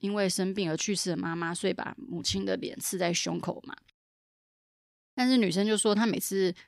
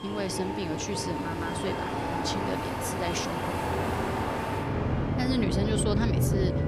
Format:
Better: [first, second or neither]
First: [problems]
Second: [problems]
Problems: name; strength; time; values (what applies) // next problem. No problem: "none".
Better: first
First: none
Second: train or aircraft noise; very loud; throughout; 3 dB above the speech